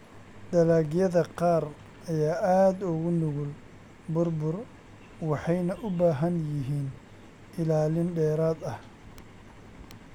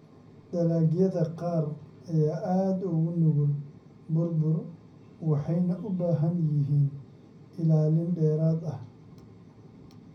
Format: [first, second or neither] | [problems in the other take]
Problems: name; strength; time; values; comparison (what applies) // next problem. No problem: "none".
first | room echo; dies away in 0.4 s